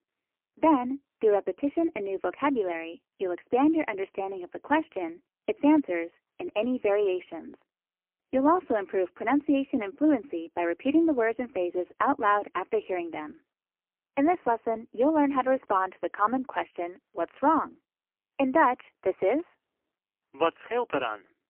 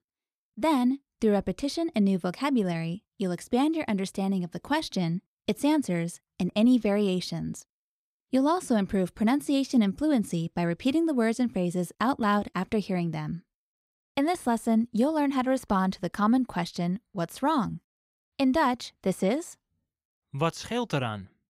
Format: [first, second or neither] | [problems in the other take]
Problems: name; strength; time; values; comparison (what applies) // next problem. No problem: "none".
second | phone-call audio; poor line; nothing above 3 kHz